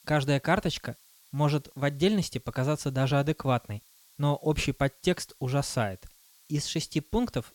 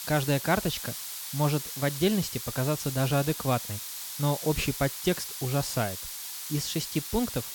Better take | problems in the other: first | hiss; loud; throughout; 6 dB below the speech; faint in the first

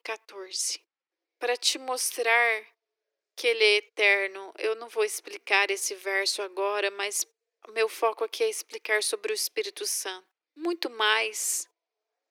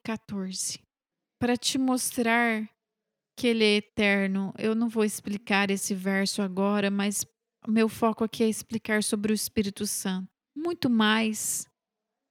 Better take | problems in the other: second | thin; very; fading below 350 Hz

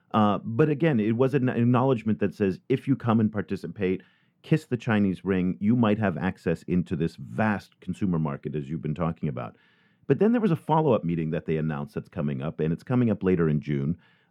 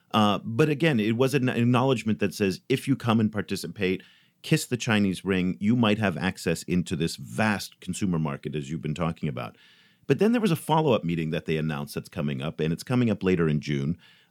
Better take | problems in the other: second | muffled; very; fading above 3 kHz

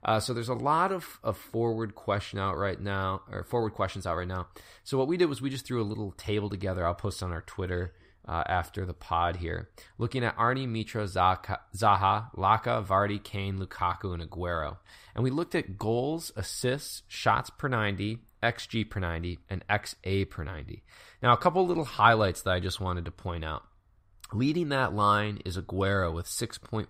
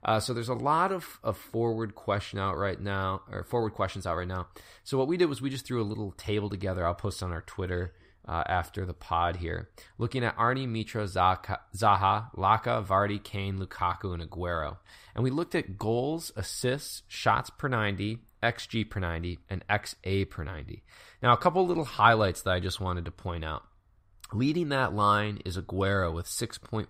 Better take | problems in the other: neither | none

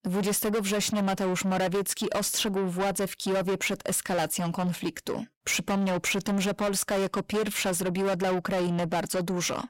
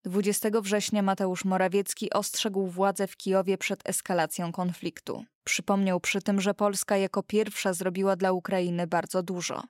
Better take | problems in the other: second | distortion; heavy; 6 dB below the speech

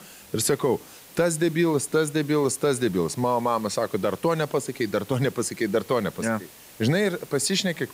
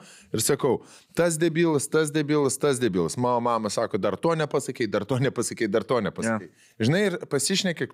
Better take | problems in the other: second | hiss; faint; throughout; 20 dB below the speech

